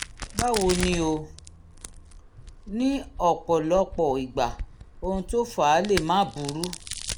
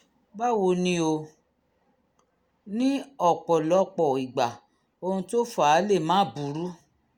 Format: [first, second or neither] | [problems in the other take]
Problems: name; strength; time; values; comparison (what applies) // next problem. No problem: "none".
second | background sound (Crack); 10 dB below the speech